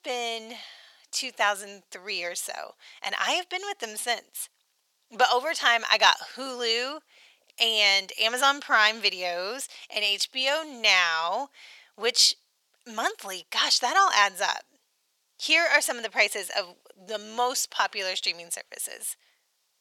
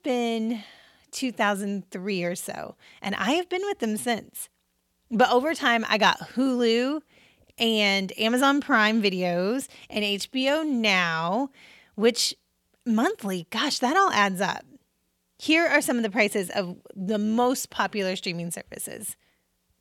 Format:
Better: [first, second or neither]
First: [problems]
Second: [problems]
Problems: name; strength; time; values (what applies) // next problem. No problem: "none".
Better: second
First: thin; very; fading below 750 Hz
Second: none